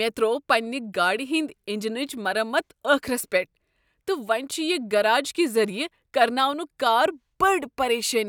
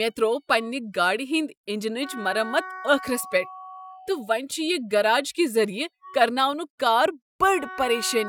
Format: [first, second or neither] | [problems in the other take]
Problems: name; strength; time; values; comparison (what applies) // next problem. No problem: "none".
first | noise reduction (classical method Wiener filter)